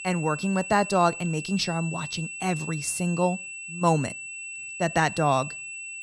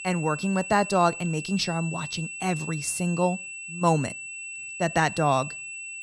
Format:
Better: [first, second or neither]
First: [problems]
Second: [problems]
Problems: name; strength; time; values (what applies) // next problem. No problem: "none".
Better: neither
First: high-pitched whine; loud; throughout; 2.5 kHz, 9 dB below the speech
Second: high-pitched whine; loud; throughout; 2.5 kHz, 9 dB below the speech